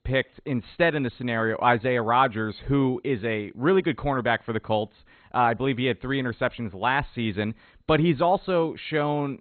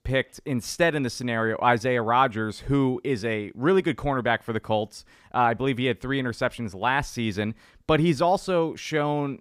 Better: second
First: garbled, watery; badly; nothing above 4 kHz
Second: none

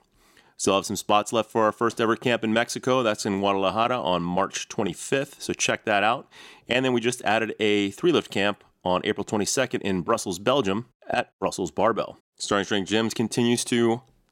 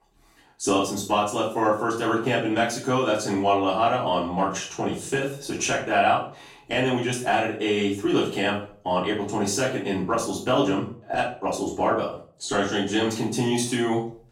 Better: first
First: none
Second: off-mic speech; far // room echo; noticeable; dies away in 0.4 s

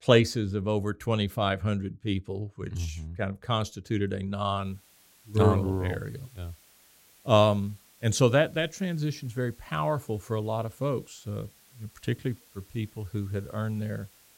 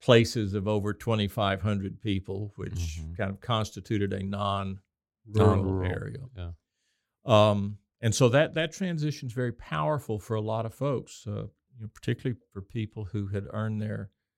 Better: second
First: hiss; faint; from 4.5 s on; 25 dB below the speech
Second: none

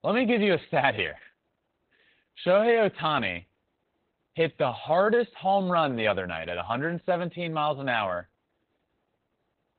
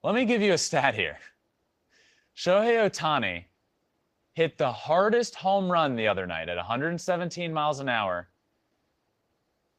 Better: second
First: garbled, watery; badly; nothing above 4 kHz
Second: garbled, watery; slightly

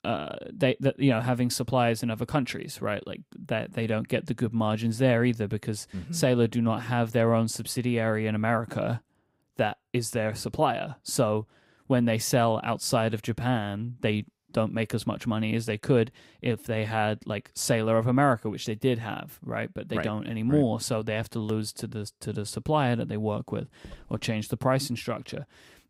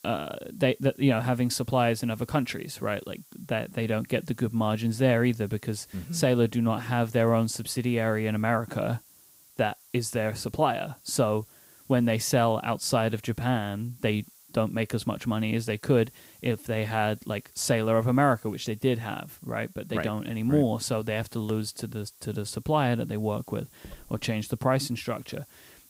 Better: first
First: none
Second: hiss; faint; throughout; 25 dB below the speech

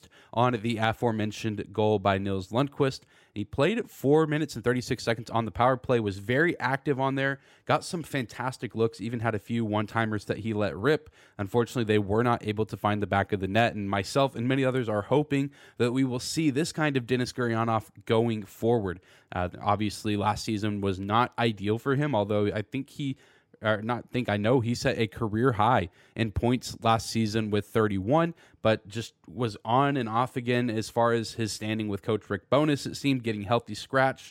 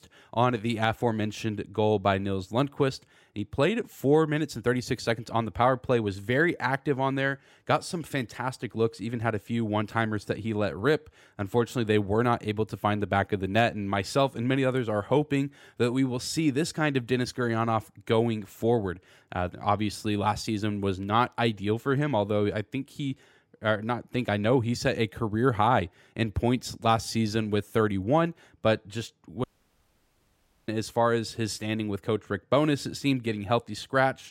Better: first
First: none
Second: audio cutting out; at 29 s for 1 s

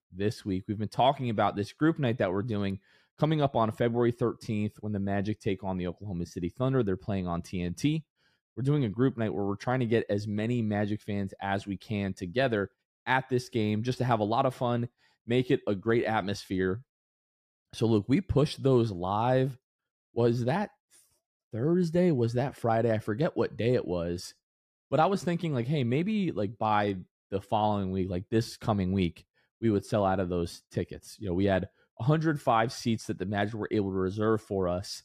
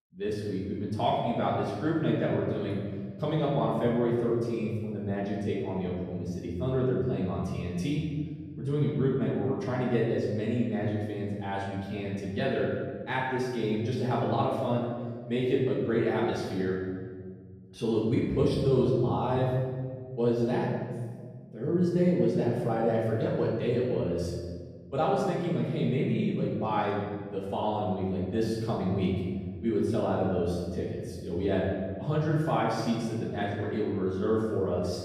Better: first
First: none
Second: off-mic speech; far // room echo; noticeable; dies away in 1.7 s

